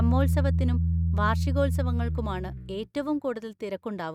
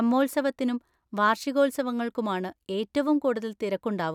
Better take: second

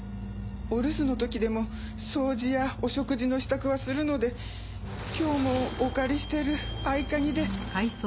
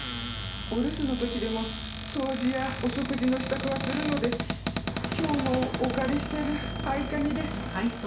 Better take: first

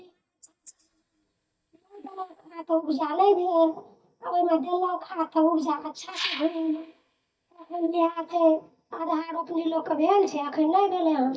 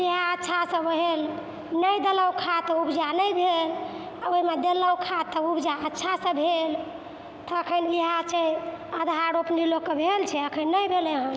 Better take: second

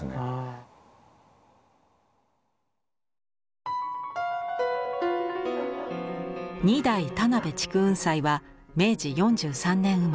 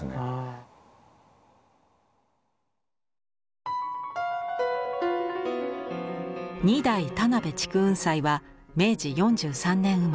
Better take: second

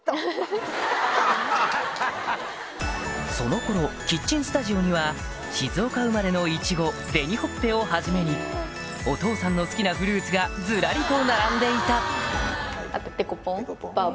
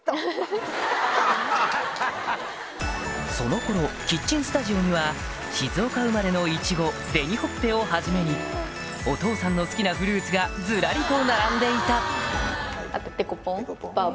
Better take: first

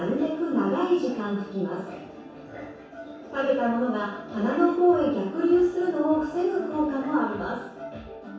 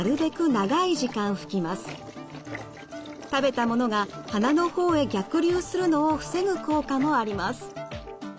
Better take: second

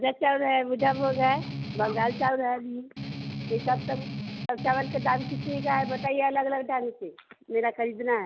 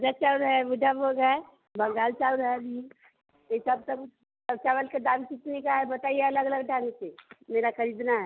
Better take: second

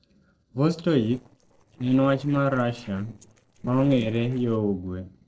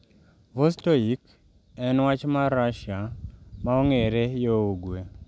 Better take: second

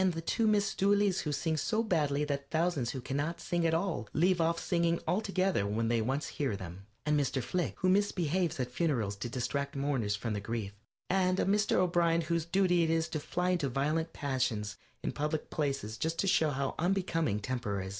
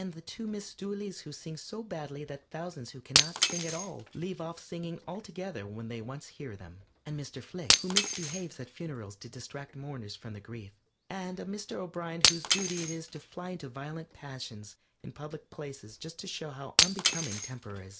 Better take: first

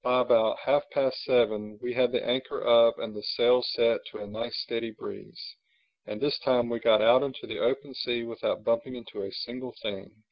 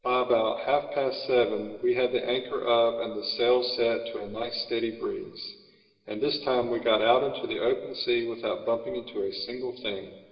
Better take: first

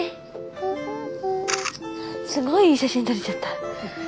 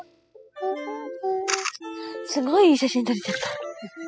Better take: first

